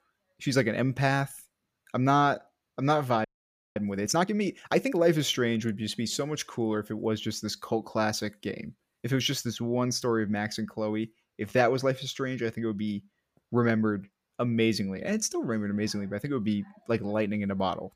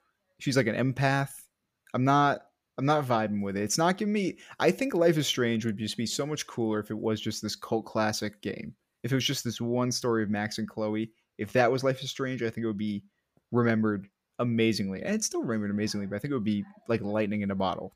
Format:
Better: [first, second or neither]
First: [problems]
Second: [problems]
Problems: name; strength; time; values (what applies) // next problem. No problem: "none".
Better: second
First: audio freezing; at 3 s for 0.5 s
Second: none